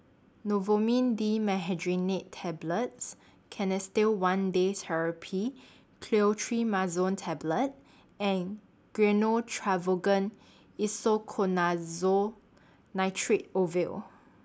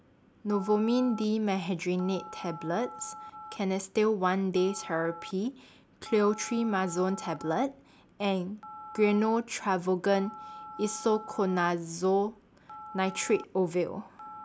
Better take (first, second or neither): first